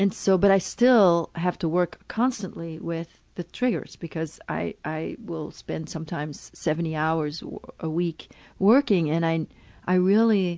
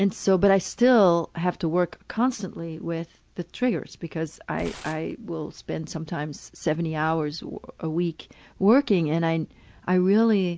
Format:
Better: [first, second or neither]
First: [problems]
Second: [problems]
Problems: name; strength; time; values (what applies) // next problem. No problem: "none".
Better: first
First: none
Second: background sound (Tearing); 20 dB below the speech